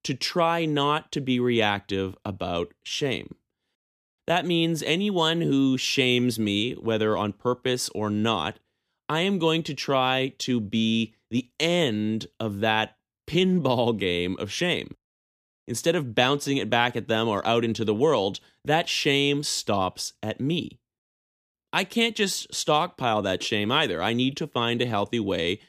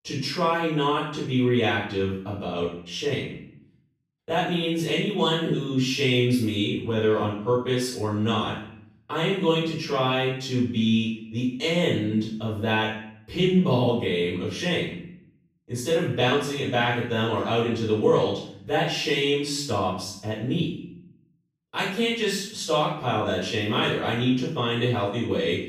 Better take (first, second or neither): first